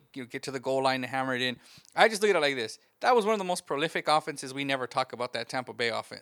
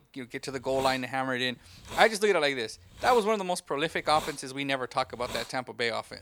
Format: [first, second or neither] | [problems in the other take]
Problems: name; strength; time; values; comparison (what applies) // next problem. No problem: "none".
first | hiss; noticeable; throughout; 15 dB below the speech